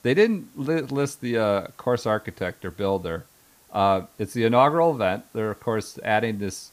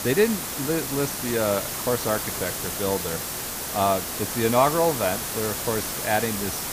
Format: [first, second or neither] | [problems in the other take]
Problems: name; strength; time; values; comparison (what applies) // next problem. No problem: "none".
first | hiss; loud; throughout; 2 dB below the speech; faint in the first